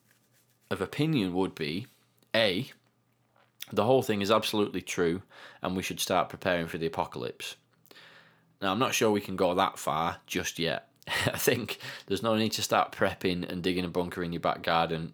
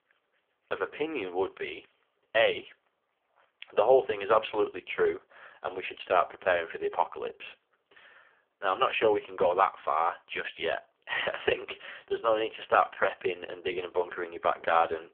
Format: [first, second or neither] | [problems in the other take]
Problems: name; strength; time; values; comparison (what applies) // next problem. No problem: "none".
first | phone-call audio; poor line; nothing above 3.5 kHz